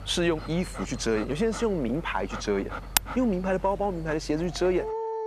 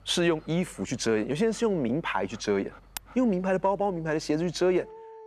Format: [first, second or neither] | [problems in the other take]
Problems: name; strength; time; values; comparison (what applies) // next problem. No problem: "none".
second | animal sounds; loud; throughout; 7 dB below the speech; faint in the second